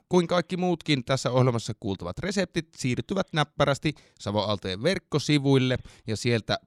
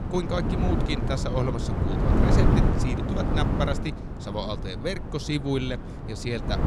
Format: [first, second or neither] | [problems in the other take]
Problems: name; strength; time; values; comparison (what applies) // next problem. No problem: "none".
first | wind noise on the microphone; heavy; 1 dB below the speech